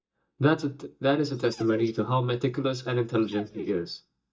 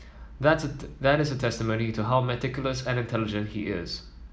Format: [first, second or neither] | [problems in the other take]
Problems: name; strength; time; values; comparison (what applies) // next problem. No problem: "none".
second | noise reduction (neural mask model DeepFilterNet 3)